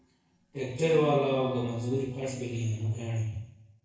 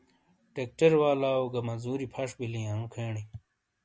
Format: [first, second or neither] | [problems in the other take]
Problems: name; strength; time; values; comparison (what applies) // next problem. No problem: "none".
second | noise reduction (neural separator model SepFormer DNS4)